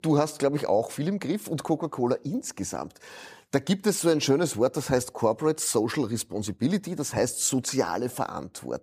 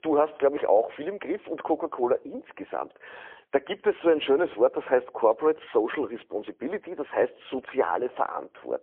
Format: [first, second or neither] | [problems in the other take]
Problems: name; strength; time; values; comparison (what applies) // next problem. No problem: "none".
first | phone-call audio; poor line; nothing above 3.5 kHz